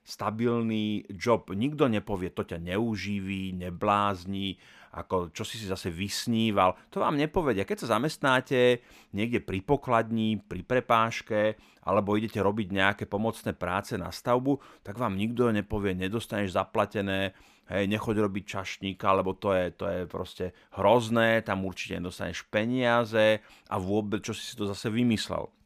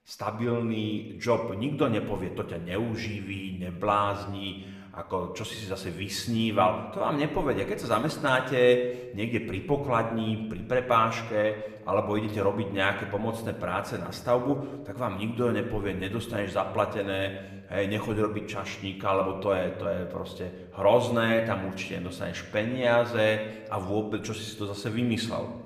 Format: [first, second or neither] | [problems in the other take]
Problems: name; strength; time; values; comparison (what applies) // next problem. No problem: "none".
first | room echo; slight; dies away in 0.9 s // off-mic speech; somewhat distant